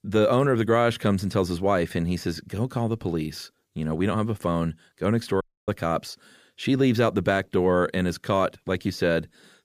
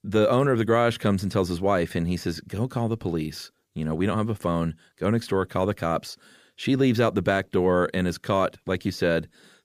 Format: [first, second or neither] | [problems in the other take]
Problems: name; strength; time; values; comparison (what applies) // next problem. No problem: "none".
second | audio cutting out; at 5.5 s